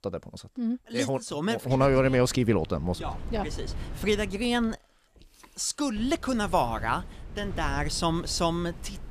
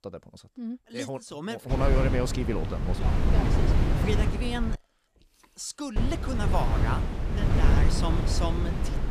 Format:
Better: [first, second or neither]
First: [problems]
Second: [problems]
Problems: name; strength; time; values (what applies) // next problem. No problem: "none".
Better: first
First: wind noise on the microphone; occasional gusts; from 1.5 to 5 s and from 6 s on; 20 dB below the speech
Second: wind noise on the microphone; heavy; from 1.5 to 5 s and from 6 s on; 1 dB below the speech